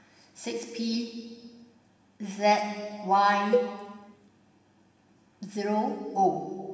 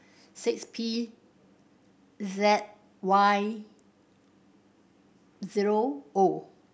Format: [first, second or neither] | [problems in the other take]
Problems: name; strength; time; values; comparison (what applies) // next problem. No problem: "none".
second | background sound (Cowbell); 3 dB below the speech // room echo; dies away in 1.7 s